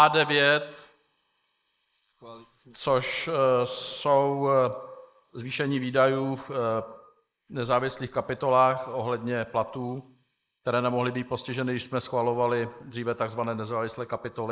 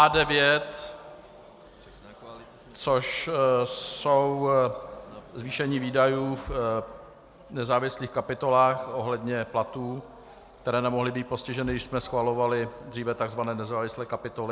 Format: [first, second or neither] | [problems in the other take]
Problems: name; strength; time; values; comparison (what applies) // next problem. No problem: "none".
second | noise reduction (neural mask model Resemble Enhance denoiser)